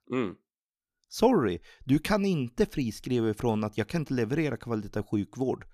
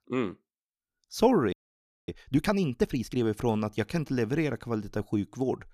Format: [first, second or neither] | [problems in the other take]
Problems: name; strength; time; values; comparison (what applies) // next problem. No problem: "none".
first | audio freezing; at 1.5 s for 0.5 s